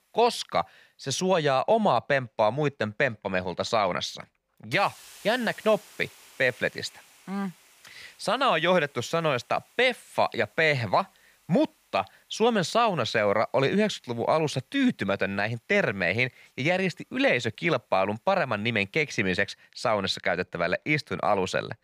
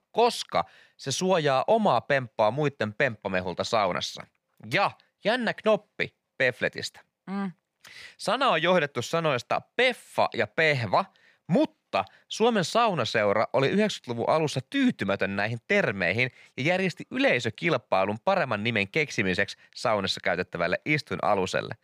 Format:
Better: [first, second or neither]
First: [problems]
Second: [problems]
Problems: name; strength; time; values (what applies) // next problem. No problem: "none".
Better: second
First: hiss; faint; throughout; 30 dB below the speech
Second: none